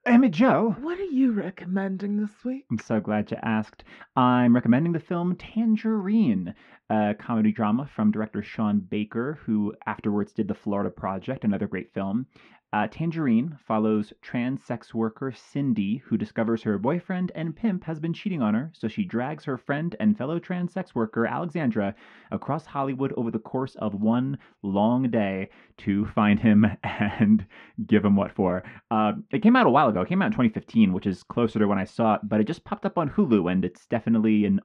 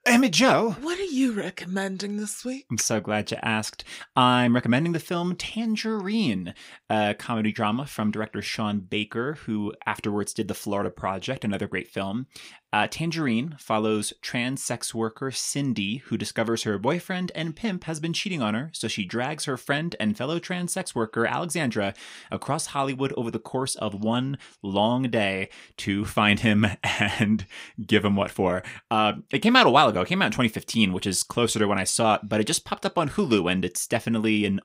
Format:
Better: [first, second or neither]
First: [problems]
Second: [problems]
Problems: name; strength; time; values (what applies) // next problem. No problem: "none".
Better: second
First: muffled; very; fading above 1.5 kHz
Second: none